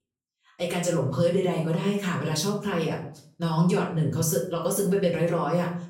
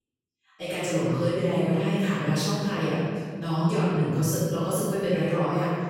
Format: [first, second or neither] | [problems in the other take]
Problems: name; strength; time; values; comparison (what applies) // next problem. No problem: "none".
first | room echo; strong; dies away in 1.8 s; slight in the first // off-mic speech; far; far in the first